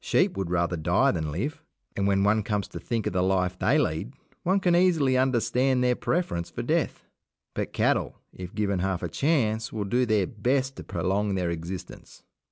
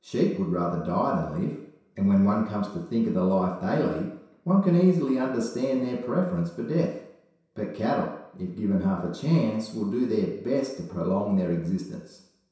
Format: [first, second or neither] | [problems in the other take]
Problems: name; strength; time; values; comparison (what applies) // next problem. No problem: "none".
first | room echo; dies away in 0.7 s